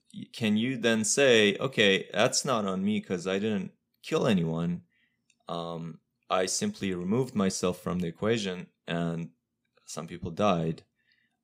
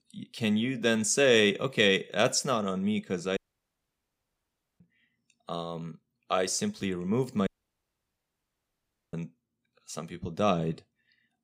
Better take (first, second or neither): first